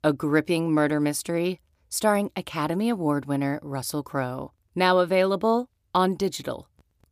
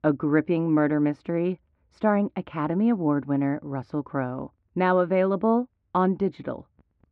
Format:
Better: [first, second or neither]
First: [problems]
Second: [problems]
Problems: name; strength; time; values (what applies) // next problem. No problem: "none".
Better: first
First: none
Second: muffled; very; fading above 2 kHz